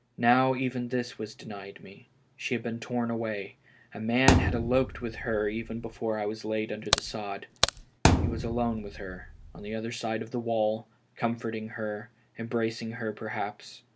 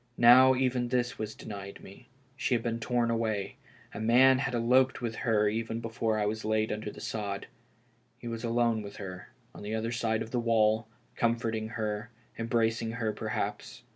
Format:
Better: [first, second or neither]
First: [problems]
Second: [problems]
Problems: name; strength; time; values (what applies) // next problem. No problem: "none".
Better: second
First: background sound (Thump, thud + Crack); 2 dB above the speech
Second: none